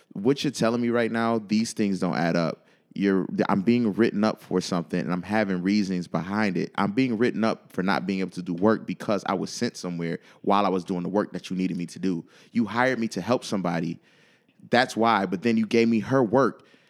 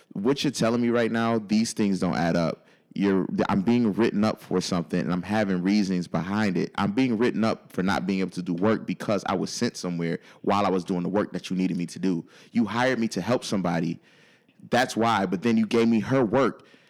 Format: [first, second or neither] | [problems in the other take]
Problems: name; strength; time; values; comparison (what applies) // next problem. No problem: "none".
first | distortion; slight; 10 dB below the speech